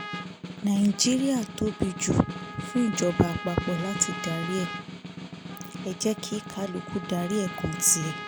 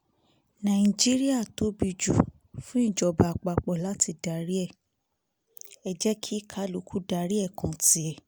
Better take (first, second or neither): second